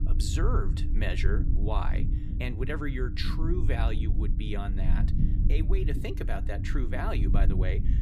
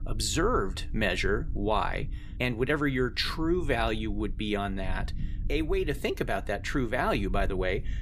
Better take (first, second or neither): second